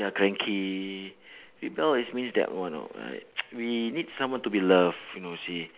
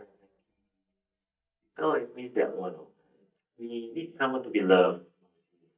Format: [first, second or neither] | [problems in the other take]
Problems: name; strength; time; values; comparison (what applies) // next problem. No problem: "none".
first | noise reduction (neural mask model DeepFilterNet 3)